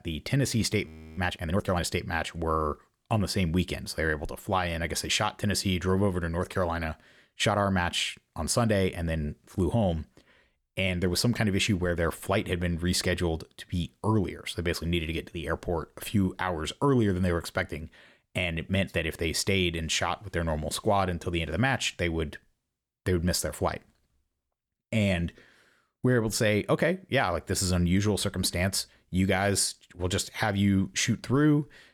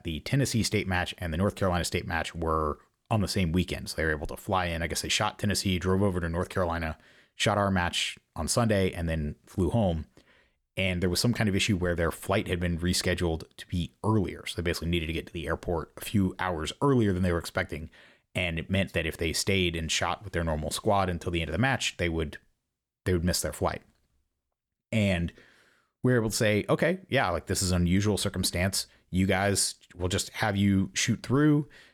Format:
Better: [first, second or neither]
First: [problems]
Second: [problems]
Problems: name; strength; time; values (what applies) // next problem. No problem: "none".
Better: second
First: audio freezing; at 1 s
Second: none